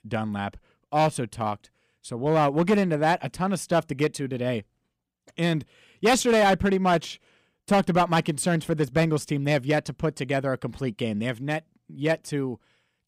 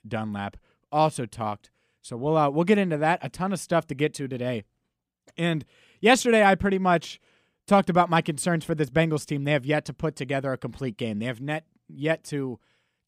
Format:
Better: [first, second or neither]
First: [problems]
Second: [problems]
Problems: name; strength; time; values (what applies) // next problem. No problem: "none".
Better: second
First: distortion; slight; 3% of the sound clipped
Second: none